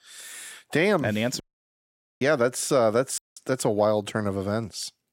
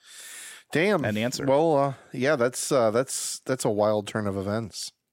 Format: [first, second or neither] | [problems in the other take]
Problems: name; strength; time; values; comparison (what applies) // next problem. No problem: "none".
second | audio cutting out; at 1.5 s for 1 s and at 3 s